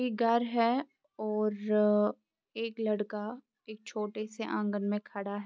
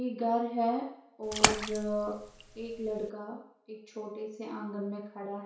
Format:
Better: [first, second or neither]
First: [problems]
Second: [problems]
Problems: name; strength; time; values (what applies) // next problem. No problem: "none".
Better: first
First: none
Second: background sound (Splash, splatter); 2 dB above the speech // room echo; dies away in 0.6 s